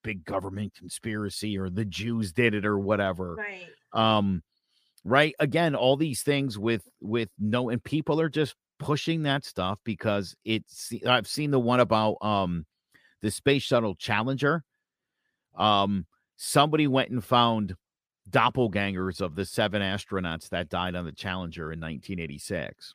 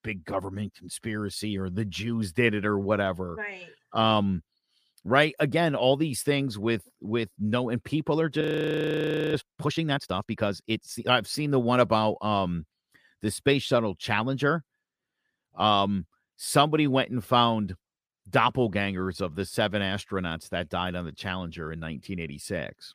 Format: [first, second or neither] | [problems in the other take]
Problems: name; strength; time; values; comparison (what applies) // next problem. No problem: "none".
first | audio freezing; at 8.5 s for 1 s